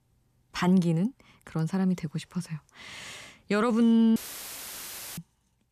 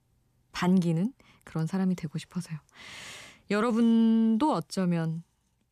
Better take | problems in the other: second | audio cutting out; filled with static; at 4 s for 1 s

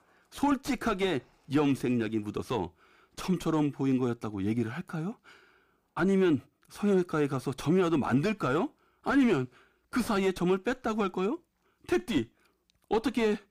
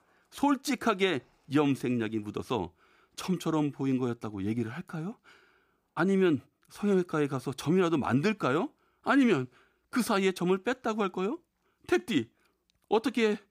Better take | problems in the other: second | distortion; slight; 10 dB below the speech

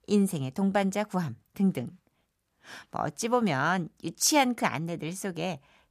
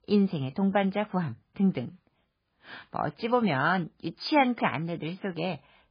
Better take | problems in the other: first | garbled, watery; badly; nothing above 5 kHz

